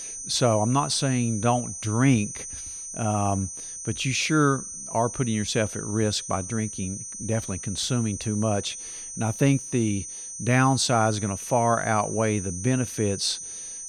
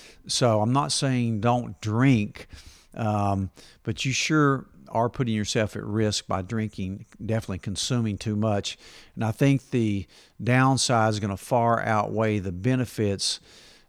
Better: second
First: high-pitched whine; loud; throughout; 6 kHz, 9 dB below the speech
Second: none

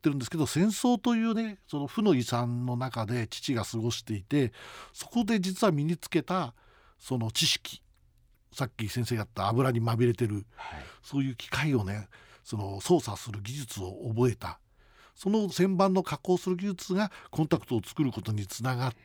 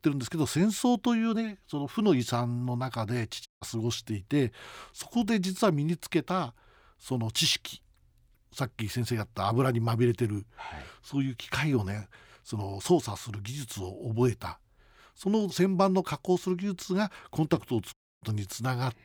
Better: first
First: none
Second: audio cutting out; at 3.5 s and at 18 s

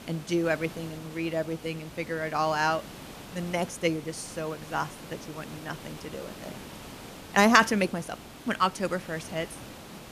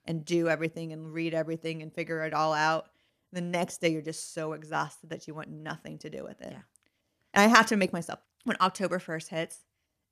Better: second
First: hiss; noticeable; throughout; 15 dB below the speech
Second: none

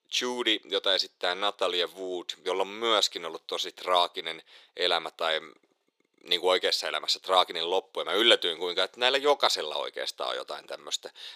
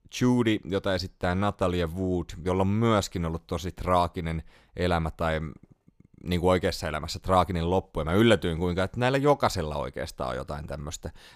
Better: second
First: thin; very; fading below 400 Hz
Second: none

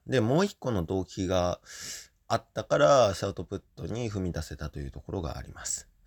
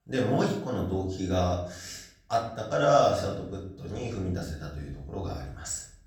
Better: first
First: none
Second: room echo; noticeable; dies away in 0.6 s // off-mic speech; far

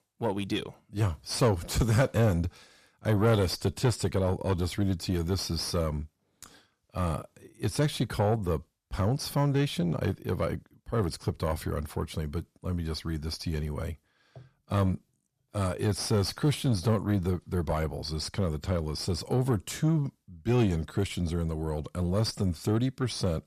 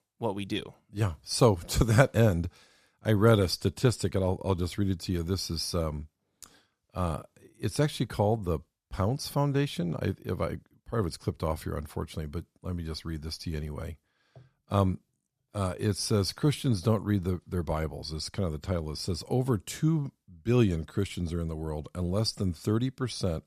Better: second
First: distortion; slight; 10 dB below the speech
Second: none

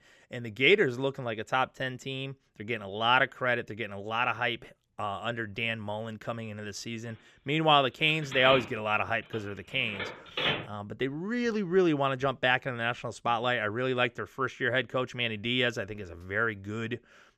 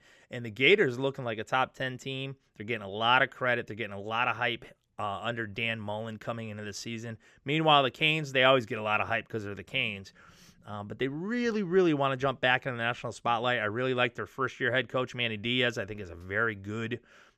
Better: second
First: phone ringing; noticeable; from 8 to 11 s; peak level with the speech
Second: none

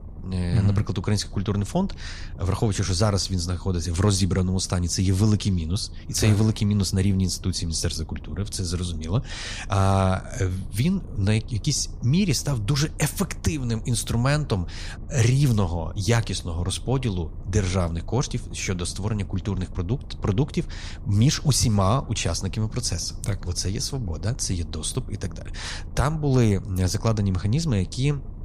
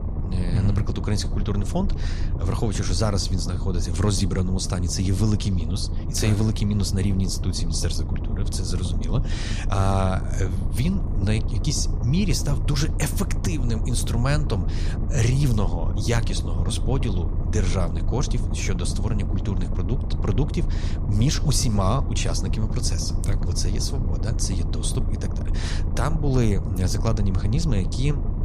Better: first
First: low rumble; faint; throughout; 20 dB below the speech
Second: low rumble; loud; throughout; 9 dB below the speech

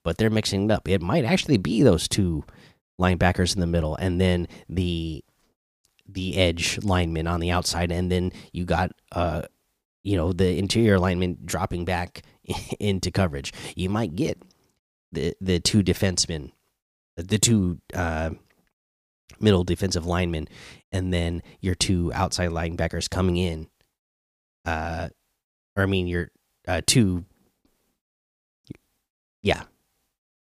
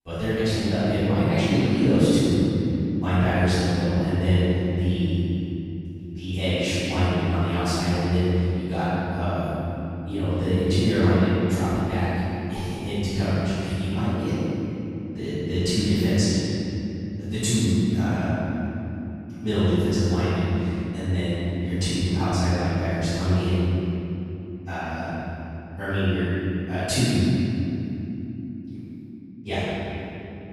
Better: first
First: none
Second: off-mic speech; far // room echo; strong; dies away in 3 s

